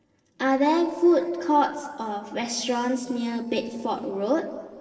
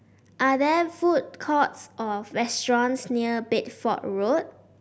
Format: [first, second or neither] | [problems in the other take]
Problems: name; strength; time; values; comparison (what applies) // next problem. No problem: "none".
second | noise reduction (neural separator model SepFormer DNS4)